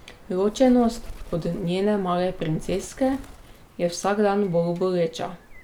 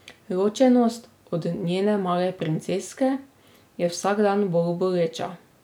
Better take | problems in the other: second | background sound (Bird); 17 dB below the speech

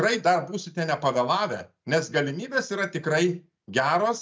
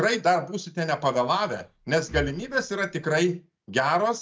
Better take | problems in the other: first | background sound (Breathing); 17 dB below the speech

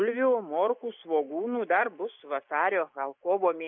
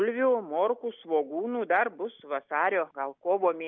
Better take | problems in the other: second | noise reduction (neural mask model Resemble Enhance denoiser)

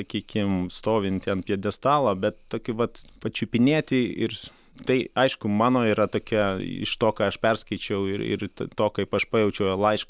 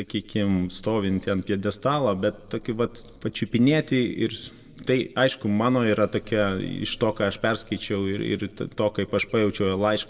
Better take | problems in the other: first | room echo; dies away in 0.9 s

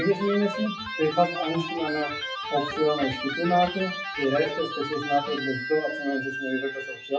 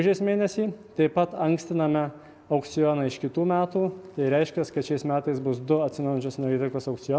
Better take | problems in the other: second | noise reduction (classical method WPE with log-MMSE)

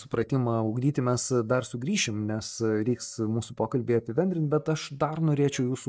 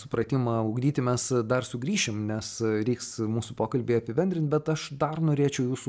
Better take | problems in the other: second | noise reduction (neural mask model DeepFilterNet 3)

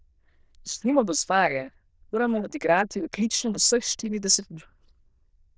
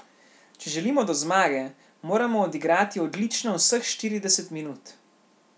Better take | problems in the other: second | noise reduction (neural diffusion model UNIVERSE++)

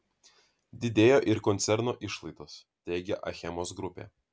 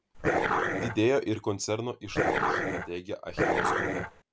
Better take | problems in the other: first | background sound (Dog); 4 dB above the speech

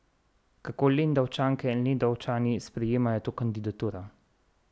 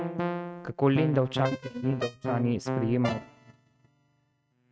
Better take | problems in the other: first | noise reduction (neural mask model RNNoise)

